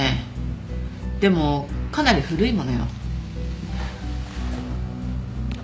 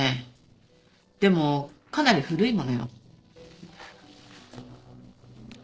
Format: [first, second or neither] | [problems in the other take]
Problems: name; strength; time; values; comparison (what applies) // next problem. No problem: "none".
first | noise reduction (neural separator model SepFormer DNS4)